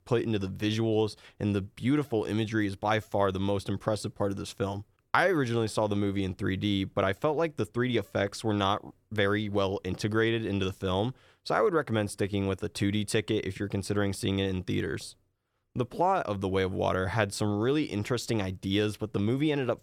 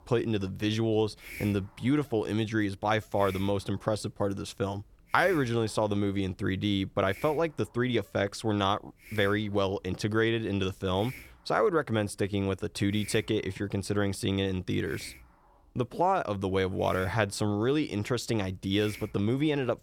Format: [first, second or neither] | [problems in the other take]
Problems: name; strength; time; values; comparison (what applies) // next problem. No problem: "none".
first | hiss; noticeable; throughout; 20 dB below the speech